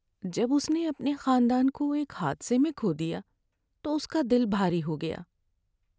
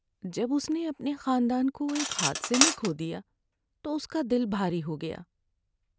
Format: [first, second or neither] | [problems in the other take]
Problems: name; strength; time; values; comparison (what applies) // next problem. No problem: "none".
first | background sound (Cutlery, silverware); 2 dB below the speech